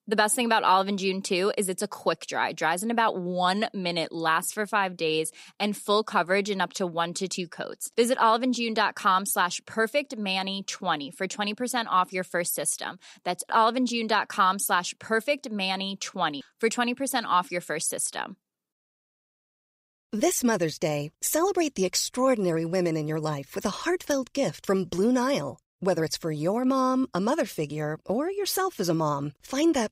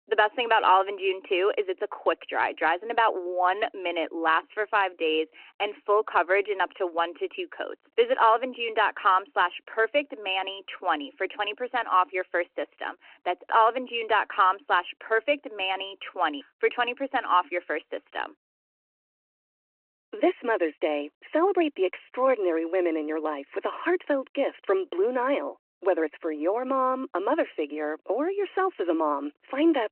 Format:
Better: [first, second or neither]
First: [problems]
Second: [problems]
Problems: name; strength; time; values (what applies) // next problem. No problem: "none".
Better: first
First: none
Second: phone-call audio